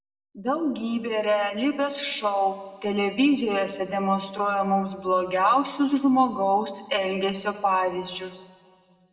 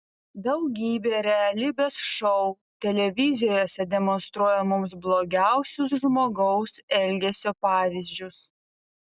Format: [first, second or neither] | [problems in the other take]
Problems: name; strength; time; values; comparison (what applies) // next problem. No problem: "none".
second | room echo; dies away in 1.5 s